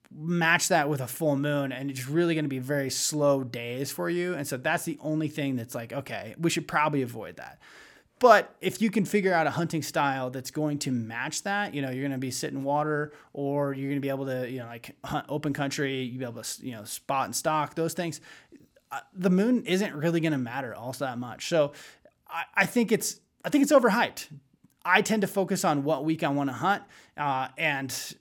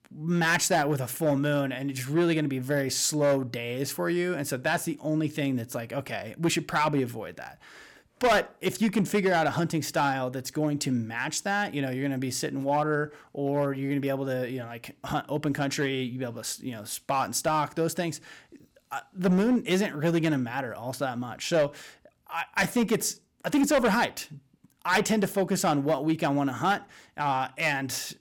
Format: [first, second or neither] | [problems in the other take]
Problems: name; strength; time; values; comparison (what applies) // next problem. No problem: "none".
first | distortion; slight; 3% of the sound clipped